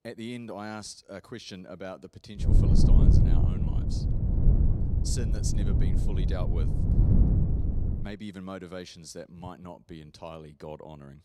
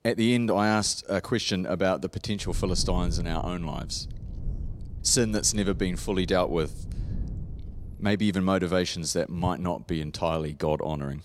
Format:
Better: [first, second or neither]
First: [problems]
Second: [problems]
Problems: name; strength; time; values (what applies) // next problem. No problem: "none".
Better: second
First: wind noise on the microphone; heavy; from 2.5 to 8 s; 3 dB above the speech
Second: wind noise on the microphone; occasional gusts; from 2.5 to 8 s; 20 dB below the speech